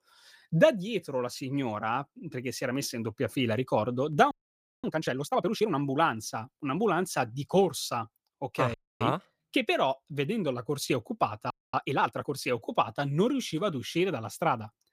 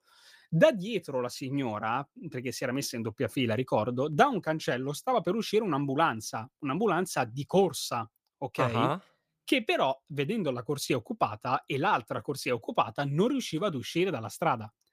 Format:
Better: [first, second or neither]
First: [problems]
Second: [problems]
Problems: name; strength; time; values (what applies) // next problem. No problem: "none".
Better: second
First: audio freezing; at 4.5 s for 0.5 s, at 8.5 s and at 12 s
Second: none